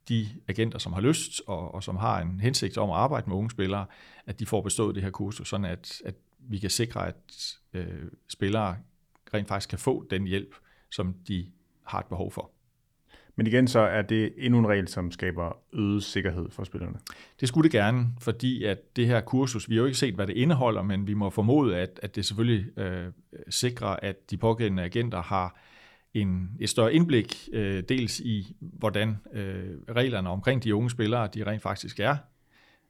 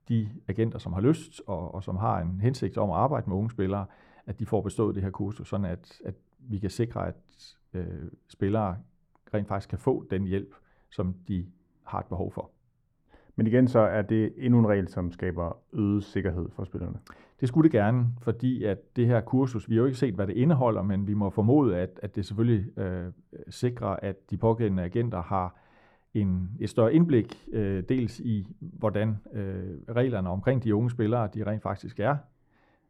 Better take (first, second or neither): first